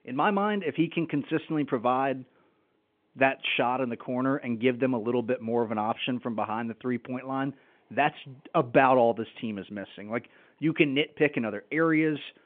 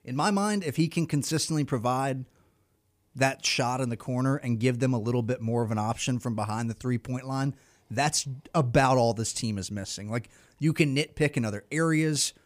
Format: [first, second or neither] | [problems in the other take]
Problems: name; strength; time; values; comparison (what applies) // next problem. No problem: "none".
second | phone-call audio; nothing above 3.5 kHz